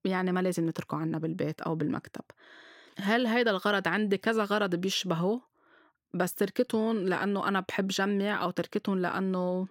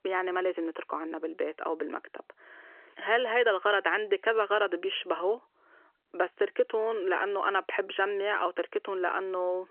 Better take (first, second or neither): first